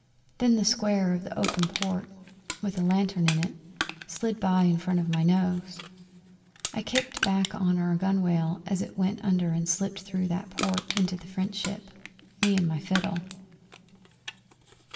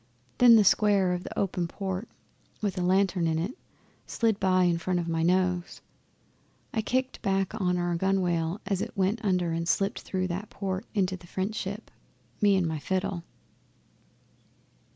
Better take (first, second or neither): second